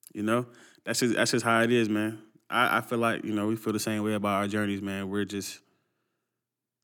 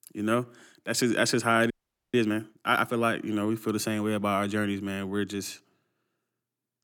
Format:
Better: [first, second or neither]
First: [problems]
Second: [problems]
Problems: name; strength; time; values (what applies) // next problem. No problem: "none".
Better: first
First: none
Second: audio freezing; at 1.5 s